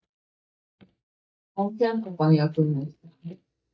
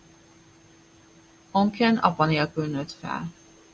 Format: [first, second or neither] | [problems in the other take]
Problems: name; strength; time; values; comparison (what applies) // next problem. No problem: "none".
second | noise reduction (neural mask model DeepFilterNet 3)